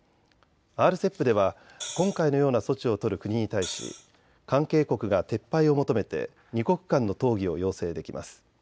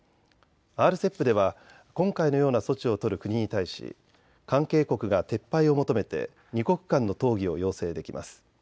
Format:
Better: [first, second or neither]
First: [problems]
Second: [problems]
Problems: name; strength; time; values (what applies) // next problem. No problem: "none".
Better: second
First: background sound (Hi-hat); 13 dB below the speech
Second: none